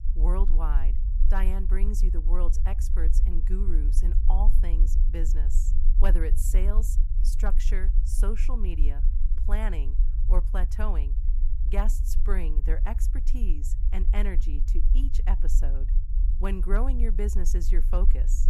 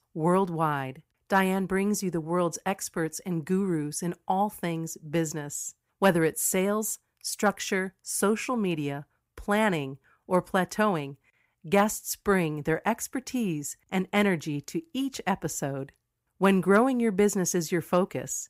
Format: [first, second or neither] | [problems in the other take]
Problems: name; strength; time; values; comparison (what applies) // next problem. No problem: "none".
second | low rumble; noticeable; throughout; 10 dB below the speech